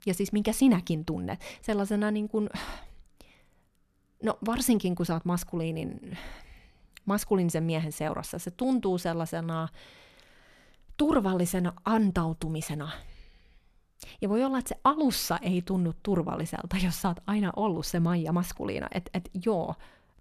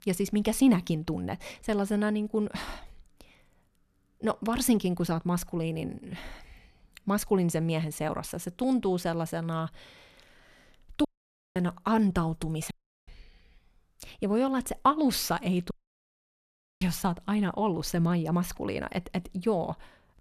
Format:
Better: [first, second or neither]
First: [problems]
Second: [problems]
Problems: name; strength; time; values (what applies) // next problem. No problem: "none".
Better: first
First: none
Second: audio cutting out; at 11 s for 0.5 s, at 13 s and at 16 s for 1 s